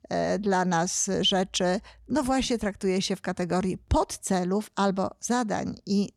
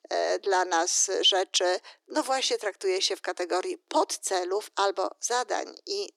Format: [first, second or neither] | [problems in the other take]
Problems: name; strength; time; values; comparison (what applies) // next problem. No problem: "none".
first | thin; very; fading below 300 Hz